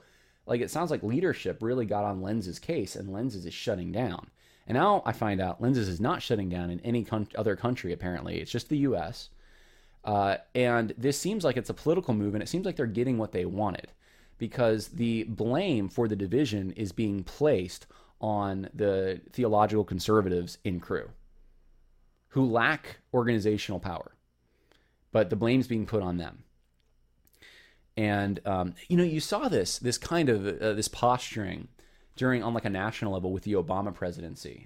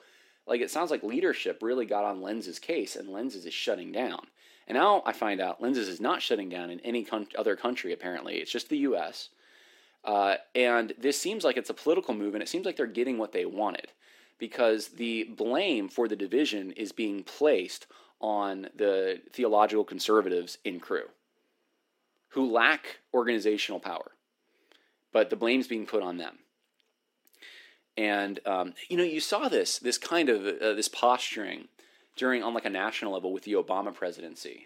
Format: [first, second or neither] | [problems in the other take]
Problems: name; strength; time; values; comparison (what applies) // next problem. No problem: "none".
first | thin; very slightly; fading below 250 Hz